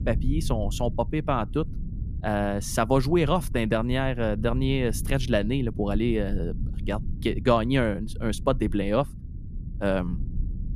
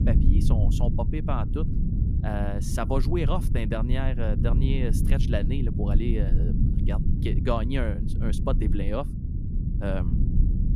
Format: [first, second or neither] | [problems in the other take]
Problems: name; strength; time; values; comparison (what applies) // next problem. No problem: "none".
first | low rumble; loud; throughout; 6 dB below the speech; faint in the first